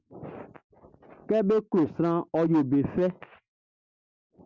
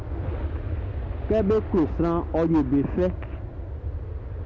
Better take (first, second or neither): first